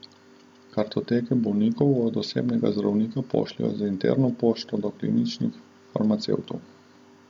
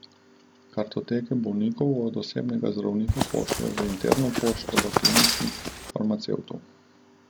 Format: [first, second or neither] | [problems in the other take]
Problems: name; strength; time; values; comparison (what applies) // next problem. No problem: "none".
first | background sound (Run); 2 dB above the speech